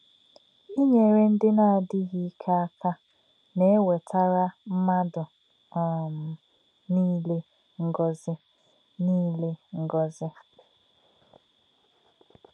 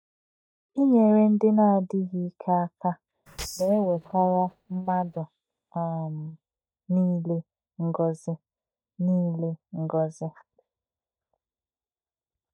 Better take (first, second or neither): first